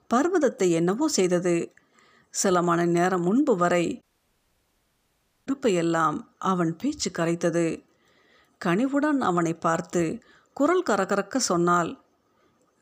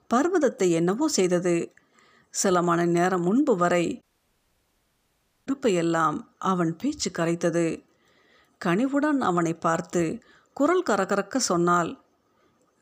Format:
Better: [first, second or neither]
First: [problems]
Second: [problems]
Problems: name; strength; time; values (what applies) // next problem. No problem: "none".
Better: neither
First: audio cutting out; at 4 s for 1.5 s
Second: audio cutting out; at 4 s for 1.5 s